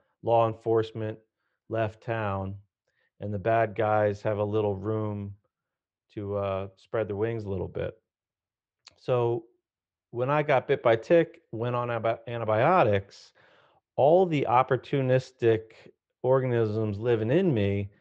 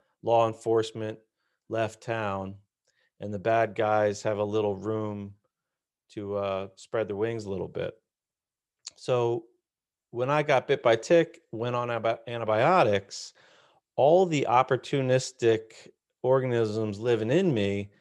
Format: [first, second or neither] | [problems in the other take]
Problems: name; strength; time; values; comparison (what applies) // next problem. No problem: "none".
second | muffled; slightly; fading above 3 kHz